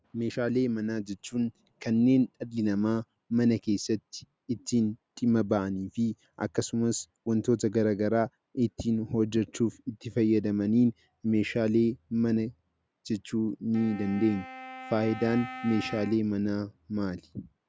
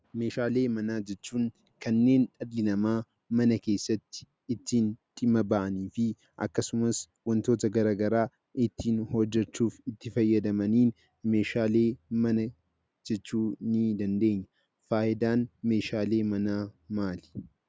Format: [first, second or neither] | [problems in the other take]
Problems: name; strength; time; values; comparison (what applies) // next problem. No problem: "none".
second | background sound (Wind instrument, woodwind instrument); 15 dB below the speech